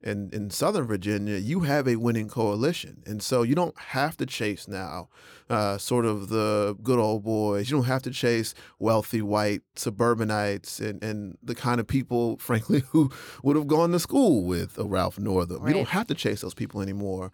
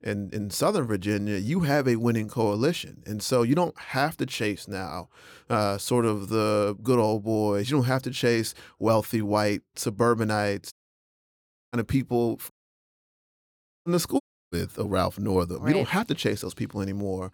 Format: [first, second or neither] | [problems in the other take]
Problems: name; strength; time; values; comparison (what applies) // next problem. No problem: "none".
first | audio cutting out; at 11 s for 1 s, at 13 s for 1.5 s and at 14 s